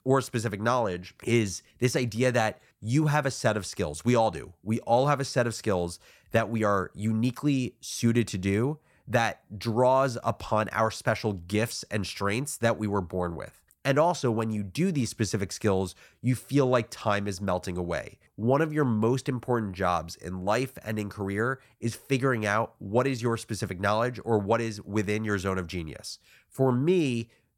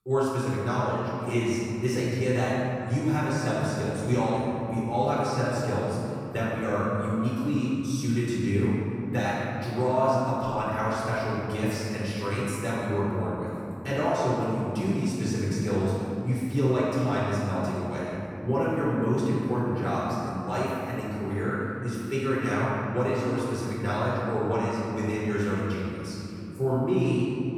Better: first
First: none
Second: off-mic speech; far // room echo; strong; dies away in 3 s

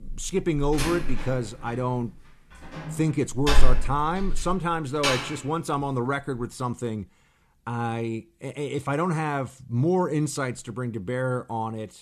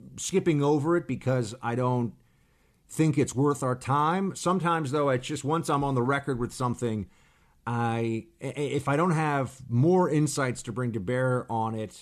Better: second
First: door banging; loud; from 0.5 to 5 s; peak 4 dB above the speech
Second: none

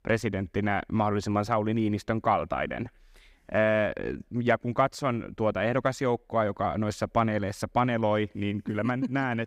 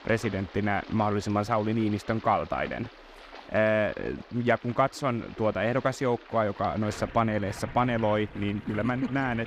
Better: first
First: none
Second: rain or running water; noticeable; throughout; 20 dB below the speech

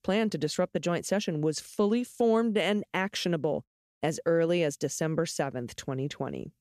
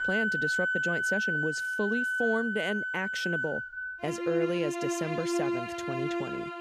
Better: first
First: none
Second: background music; very loud; throughout; 3 dB above the speech

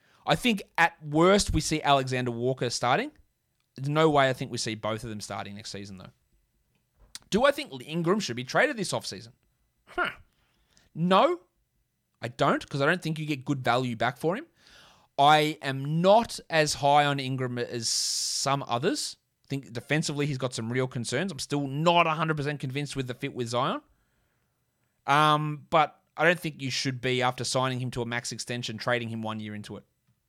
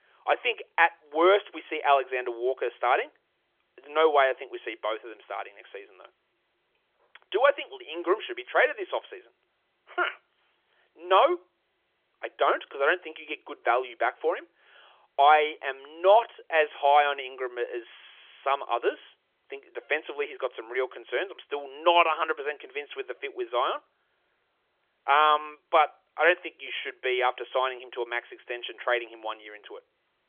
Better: first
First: none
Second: phone-call audio; nothing above 3.5 kHz

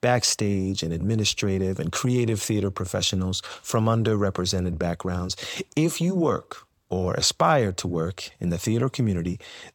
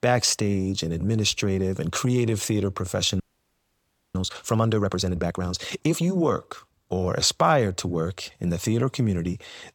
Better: first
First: none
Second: audio freezing; at 3 s for 1 s

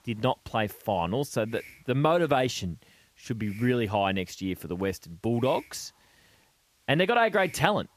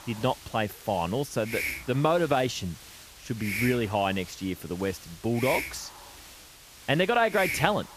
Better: first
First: hiss; faint; throughout; 25 dB below the speech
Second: hiss; loud; throughout; 9 dB below the speech

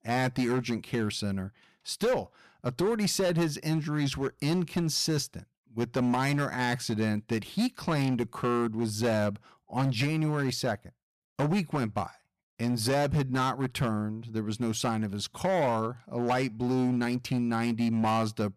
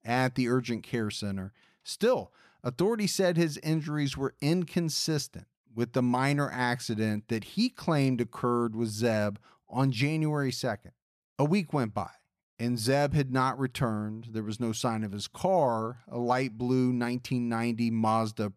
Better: second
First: distortion; slight; 10% of the sound clipped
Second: none

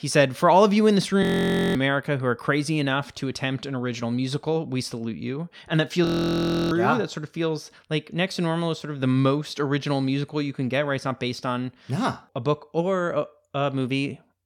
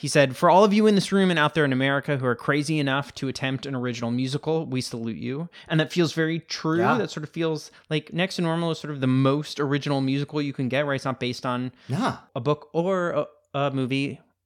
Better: second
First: audio freezing; at 1 s for 0.5 s and at 6 s for 0.5 s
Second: none

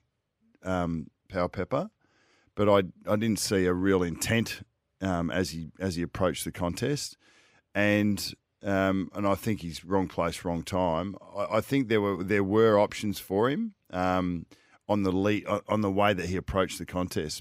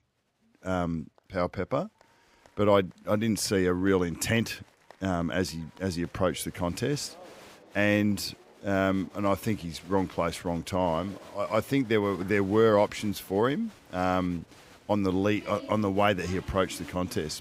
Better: first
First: none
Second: crowd noise; faint; throughout; 20 dB below the speech

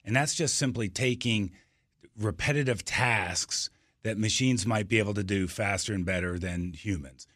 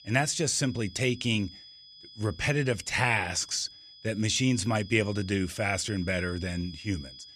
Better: first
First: none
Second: high-pitched whine; noticeable; throughout; 5 kHz, 20 dB below the speech

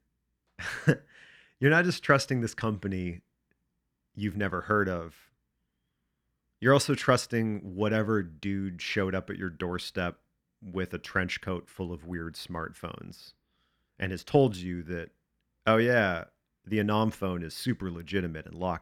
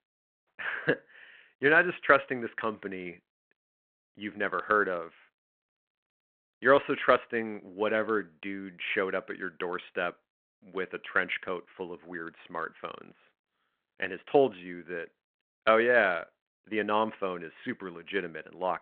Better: first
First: none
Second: phone-call audio

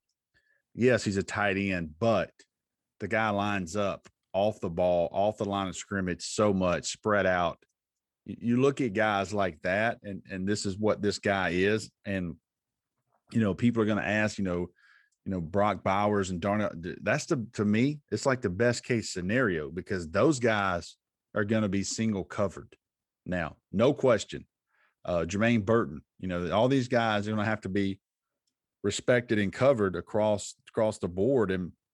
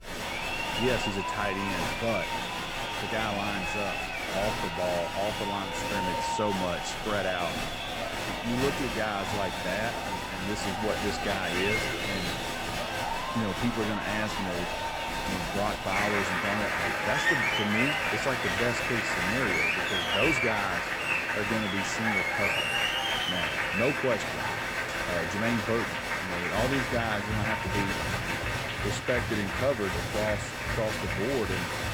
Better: first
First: none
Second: crowd noise; very loud; throughout; 3 dB above the speech

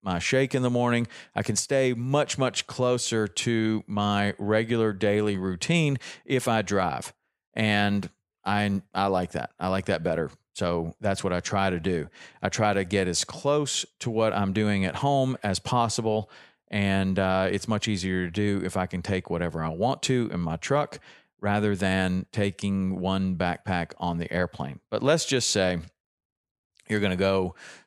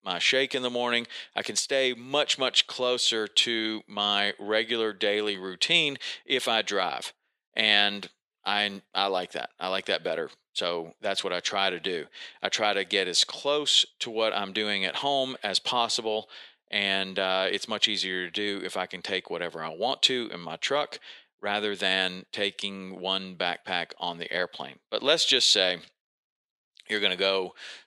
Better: first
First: none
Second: thin; somewhat; fading below 400 Hz

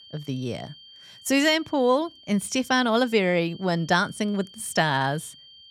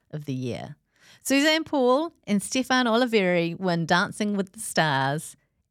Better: second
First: high-pitched whine; faint; throughout; 3 kHz, 20 dB below the speech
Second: none

